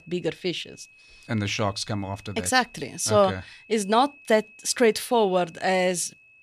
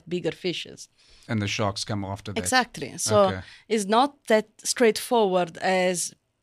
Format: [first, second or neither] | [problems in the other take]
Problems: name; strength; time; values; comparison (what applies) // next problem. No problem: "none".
second | high-pitched whine; faint; throughout; 2.5 kHz, 25 dB below the speech